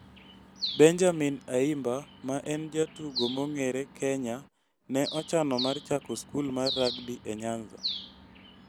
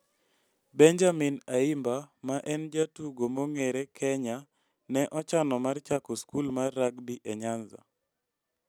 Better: second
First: background sound (Bird); 11 dB below the speech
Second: none

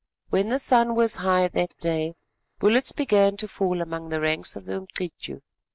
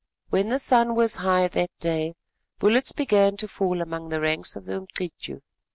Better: second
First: noise reduction (neural mask model Resemble Enhance denoiser)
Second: none

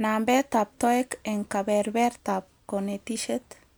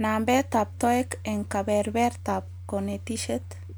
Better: first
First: none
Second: background sound (Domestic sounds, home sounds); 12 dB below the speech

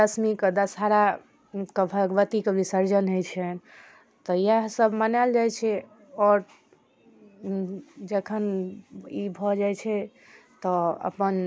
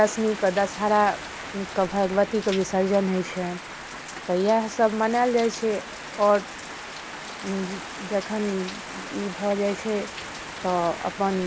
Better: first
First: none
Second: background sound (Rain); 11 dB below the speech

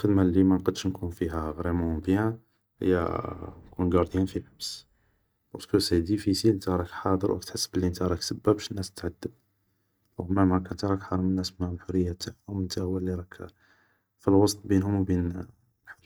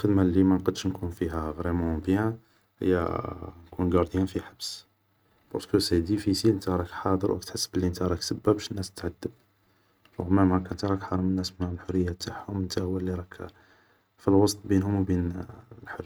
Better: second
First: noise reduction (neural mask model DeepFilterNet 3)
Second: none

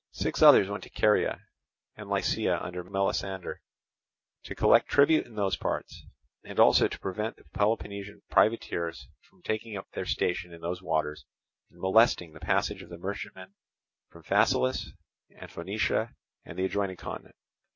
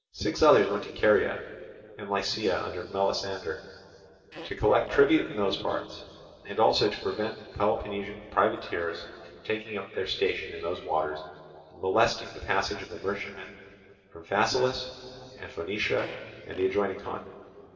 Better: first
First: none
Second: noise reduction (neural separator model SepFormer DNS4)

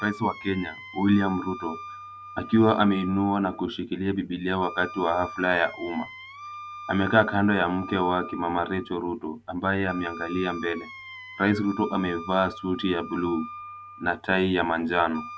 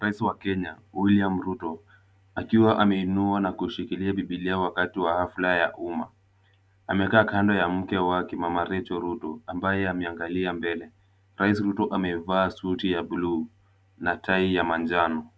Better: second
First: background sound (Wind instrument, woodwind instrument); 15 dB below the speech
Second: none

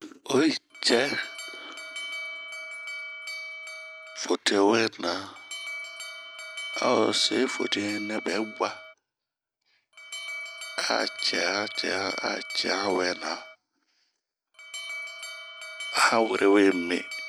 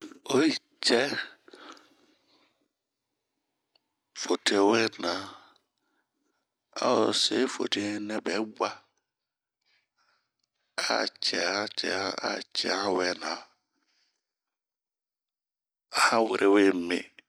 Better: second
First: background sound (Alarm); 10 dB below the speech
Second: none

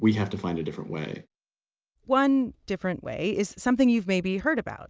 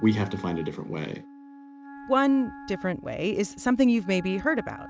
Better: first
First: none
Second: background sound (Wind instrument, woodwind instrument); 17 dB below the speech

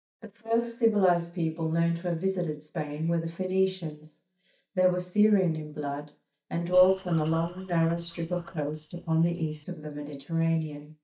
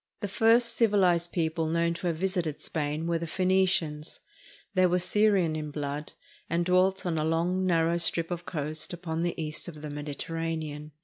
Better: second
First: noise reduction (neural mask model DeepFilterNet 3)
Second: none

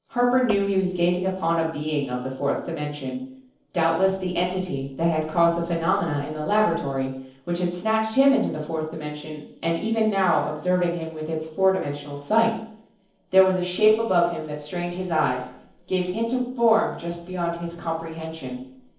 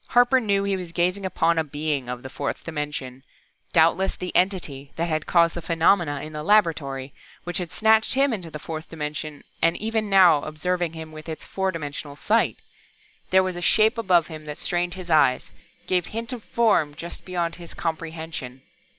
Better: second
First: noise reduction (neural separator model SepFormer DNS4)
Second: none

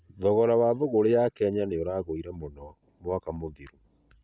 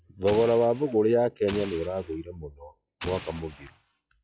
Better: first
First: none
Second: noise reduction (classical method log-MMSE)

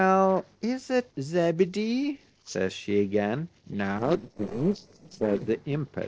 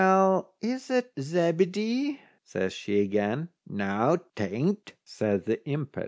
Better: second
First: noise reduction (neural separator model SepFormer DNS4)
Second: none

